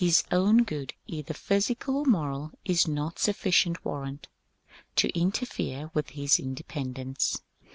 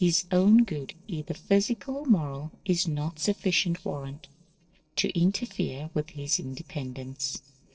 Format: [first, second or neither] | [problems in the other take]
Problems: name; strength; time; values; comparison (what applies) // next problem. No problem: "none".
first | noise reduction (neural separator model SepFormer DNS4)